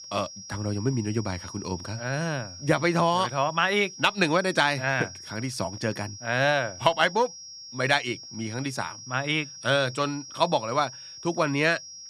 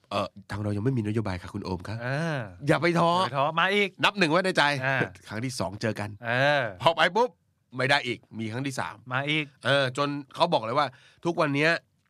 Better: second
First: high-pitched whine; noticeable; throughout; 5.5 kHz, 15 dB below the speech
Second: none

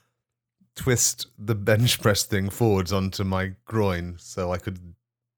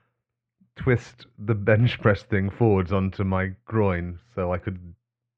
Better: first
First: none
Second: muffled; very; fading above 2.5 kHz

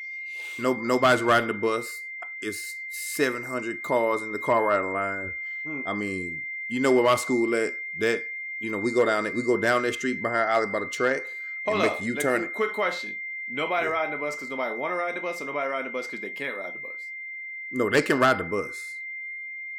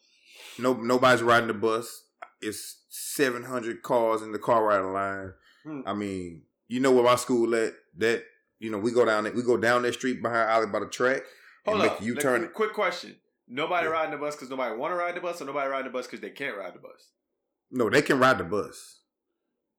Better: second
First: high-pitched whine; loud; throughout; 2 kHz, 7 dB below the speech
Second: none

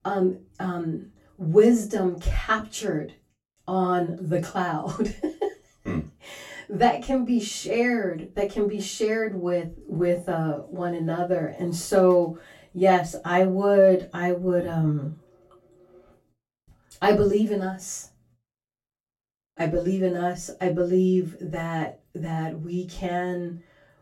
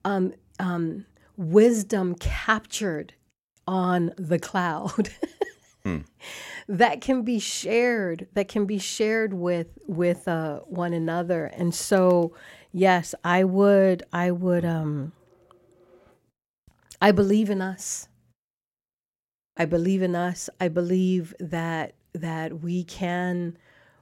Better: second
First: off-mic speech; far // room echo; very slight; dies away in 0.2 s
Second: none

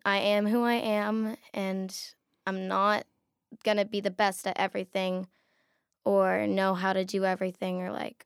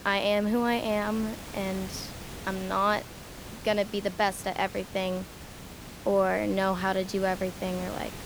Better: first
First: none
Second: hiss; noticeable; throughout; 15 dB below the speech

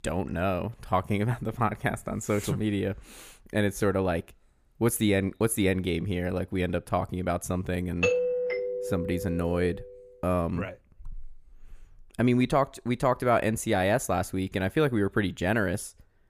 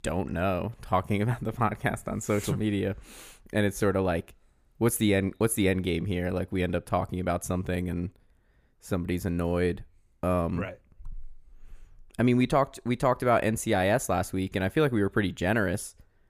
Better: second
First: doorbell; loud; from 8 to 9.5 s; peak 3 dB above the speech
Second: none

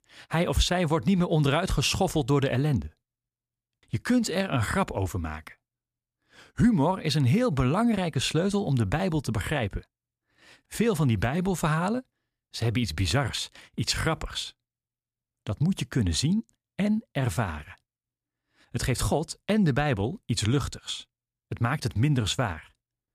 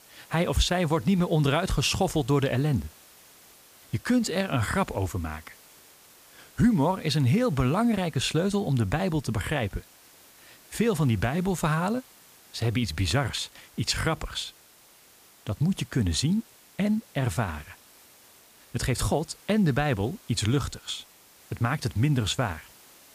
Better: first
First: none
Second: hiss; faint; throughout; 25 dB below the speech

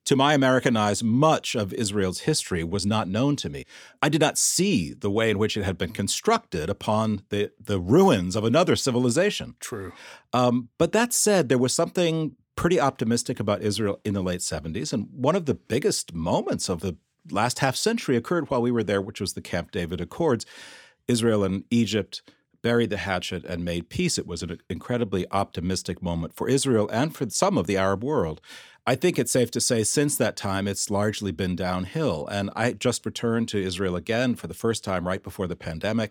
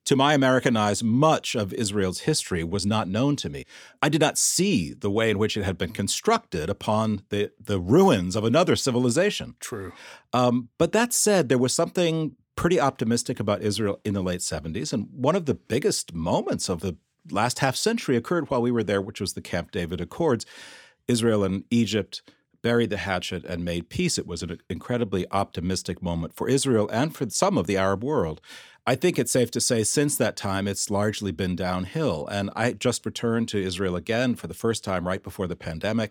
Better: neither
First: none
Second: none

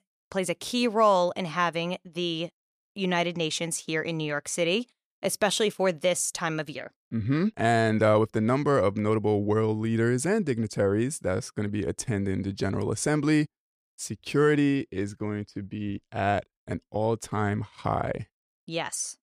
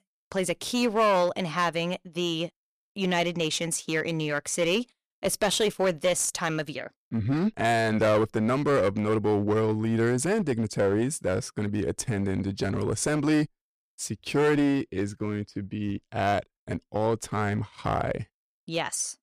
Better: first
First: none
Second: distortion; slight; 7% of the sound clipped

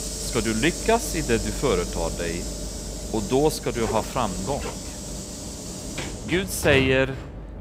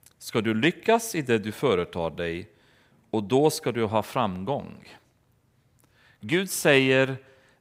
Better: second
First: hiss; loud; throughout; 7 dB below the speech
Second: none

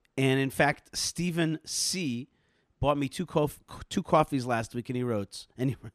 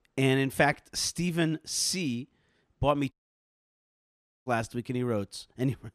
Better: first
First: none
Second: audio cutting out; at 3 s for 1.5 s

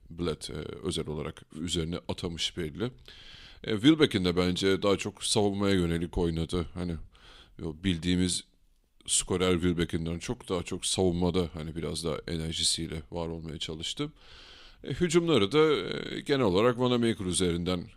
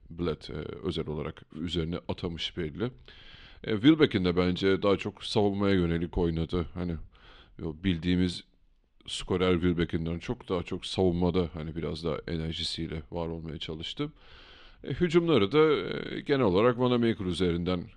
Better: first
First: none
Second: muffled; slightly; fading above 3 kHz

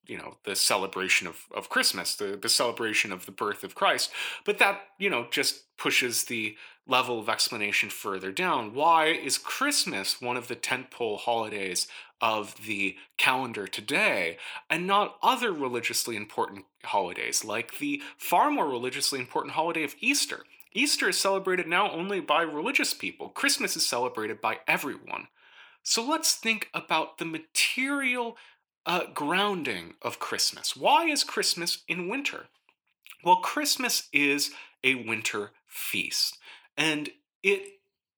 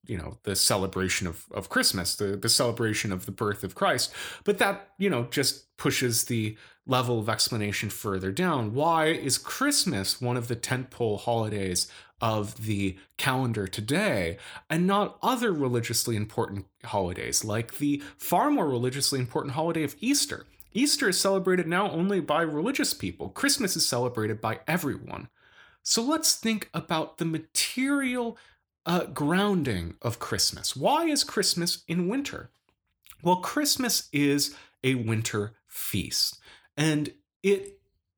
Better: second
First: thin; somewhat; fading below 300 Hz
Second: none

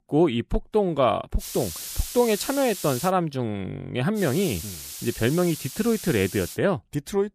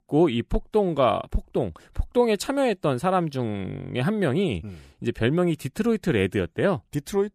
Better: second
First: hiss; loud; from 1.5 to 3 s and from 4 to 6.5 s; 9 dB below the speech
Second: none

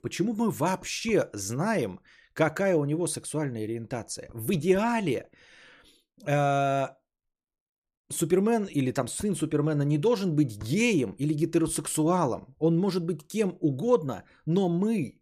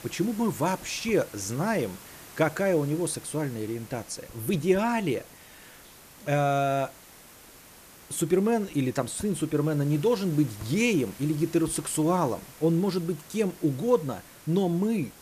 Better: first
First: none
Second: hiss; noticeable; throughout; 20 dB below the speech

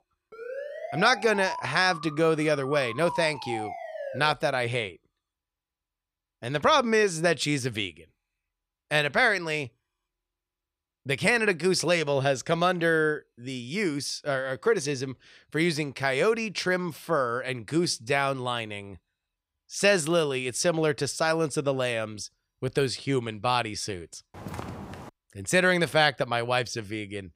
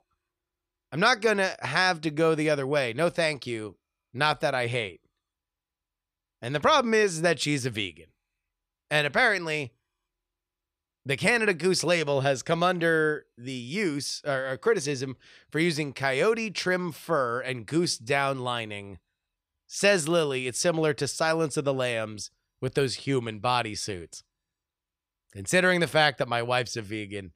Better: second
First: siren; noticeable; until 4.5 s; peak 9 dB below the speech // footsteps; faint; at 24 s; peak 10 dB below the speech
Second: none

